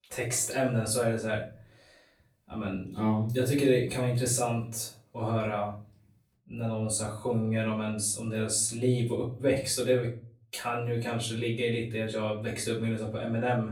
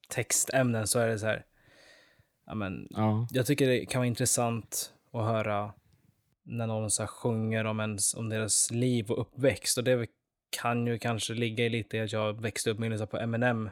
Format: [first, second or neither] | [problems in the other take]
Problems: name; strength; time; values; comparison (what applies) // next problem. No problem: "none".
second | off-mic speech; far // room echo; slight; dies away in 0.3 s